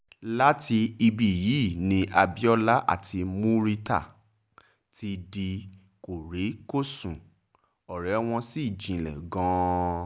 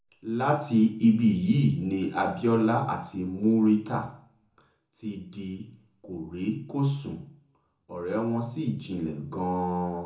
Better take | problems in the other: first | room echo; dies away in 0.6 s

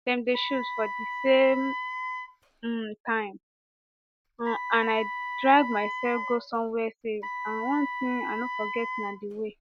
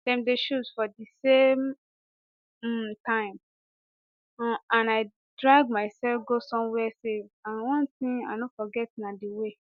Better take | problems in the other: second | background sound (Wind instrument, woodwind instrument); 6 dB below the speech

